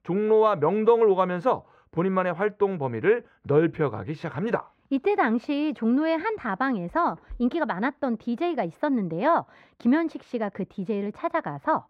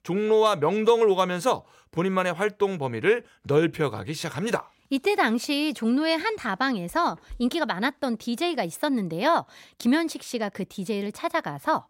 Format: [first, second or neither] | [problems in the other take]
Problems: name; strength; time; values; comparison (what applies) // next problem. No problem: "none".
second | muffled; very; fading above 4 kHz